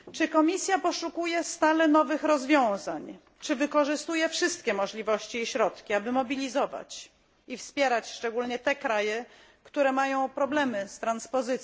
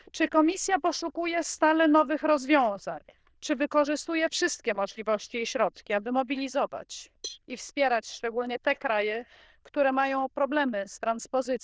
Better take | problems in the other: first | noise reduction (neural diffusion model UNIVERSE++)

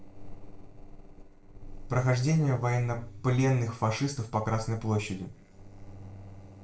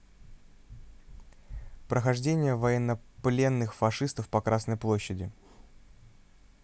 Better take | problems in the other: second | noise reduction (neural separator model SepFormer DNS4)

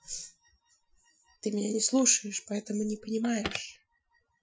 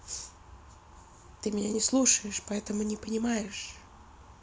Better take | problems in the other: second | noise reduction (classical method Wiener filter)

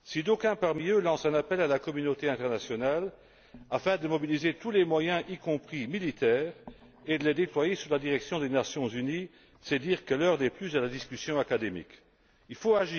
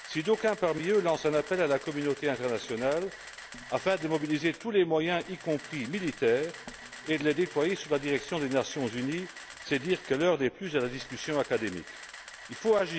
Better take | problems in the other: first | background sound (Camera); 17 dB below the speech

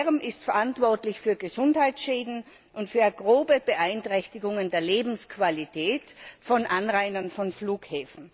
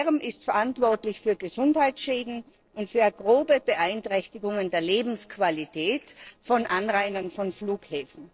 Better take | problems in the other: first | noise reduction (neural separator model SepFormer DNS4)

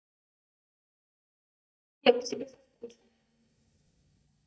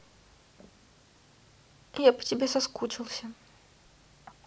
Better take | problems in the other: second | noise reduction (neural mask model DeepFilterNet 3)

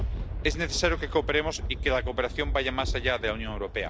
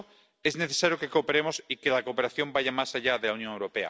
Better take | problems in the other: second | background sound (Thunder); 4 dB below the speech

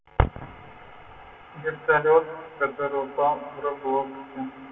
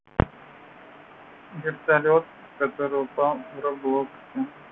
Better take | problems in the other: second | room echo; dies away in 1.8 s

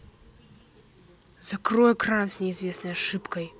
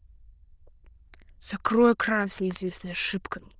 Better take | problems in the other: first | noise reduction (neural diffusion model UNIVERSE++)

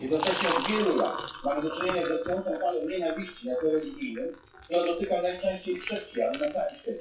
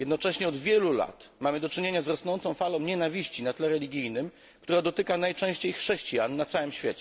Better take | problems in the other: second | noise reduction (classical method WPE with log-MMSE)

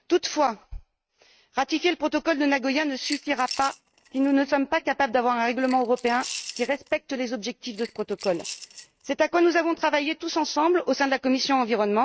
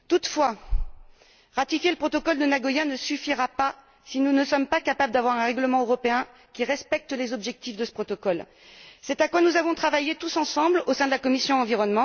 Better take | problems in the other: second | noise reduction (neural mask model RNNoise)

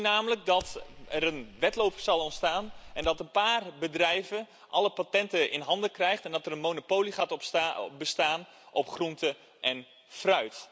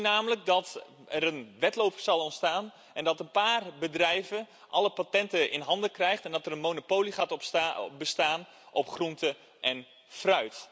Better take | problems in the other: second | background sound (Fire); 16 dB below the speech

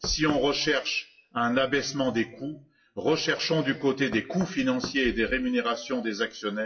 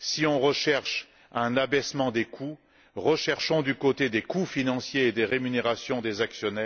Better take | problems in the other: second | noise reduction (classical method WPE with log-MMSE)

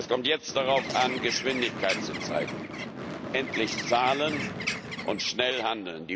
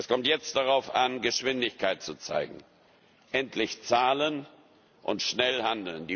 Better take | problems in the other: second | background sound (Gunshot, gunfire / Fireworks + Bird); 6 dB below the speech

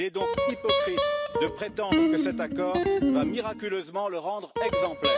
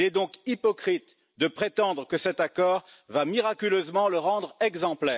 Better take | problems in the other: second | background sound (Guitar); 5 dB above the speech

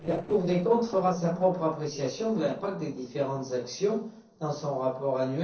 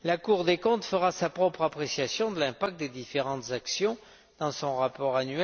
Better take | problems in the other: second | noise reduction (neural separator model SepFormer DNS4)

